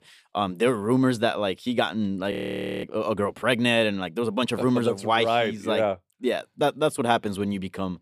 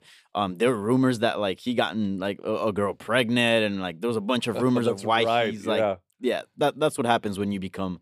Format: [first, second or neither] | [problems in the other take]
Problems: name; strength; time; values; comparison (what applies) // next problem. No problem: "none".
second | audio freezing; at 2.5 s for 0.5 s